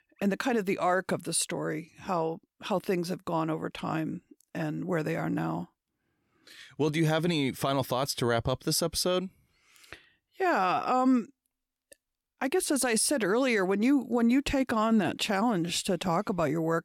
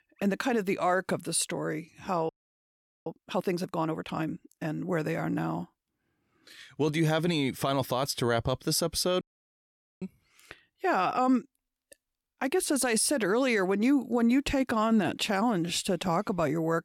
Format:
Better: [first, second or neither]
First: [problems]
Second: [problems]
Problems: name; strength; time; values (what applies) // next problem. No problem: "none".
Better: first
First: none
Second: audio freezing; at 2.5 s for 1 s and at 9 s for 1 s